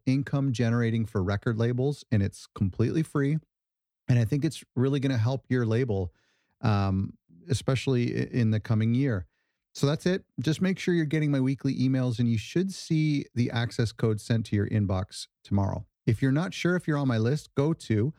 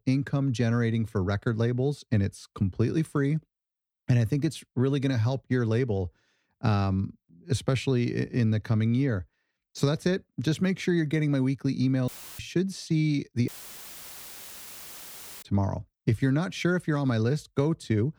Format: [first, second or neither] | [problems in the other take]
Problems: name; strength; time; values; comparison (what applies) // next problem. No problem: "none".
first | audio cutting out; filled with static; at 12 s and at 13 s for 2 s